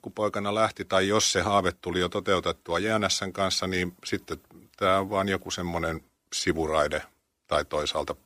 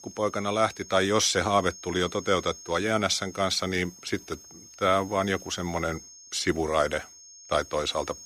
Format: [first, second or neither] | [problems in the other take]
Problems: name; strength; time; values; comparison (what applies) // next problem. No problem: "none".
first | high-pitched whine; noticeable; throughout; 6.5 kHz, 20 dB below the speech